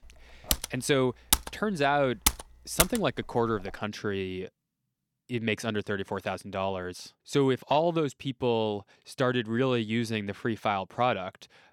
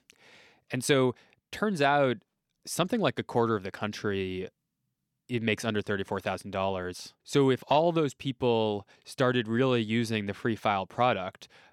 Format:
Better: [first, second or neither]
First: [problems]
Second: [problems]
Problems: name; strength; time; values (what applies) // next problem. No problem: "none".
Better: second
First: keyboard typing; loud; from 0.5 to 3 s; peak 3 dB above the speech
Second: none